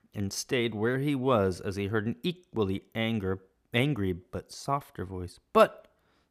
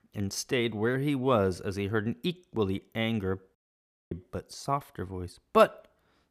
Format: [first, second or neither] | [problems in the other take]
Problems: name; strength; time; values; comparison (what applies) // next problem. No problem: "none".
first | audio cutting out; at 3.5 s for 0.5 s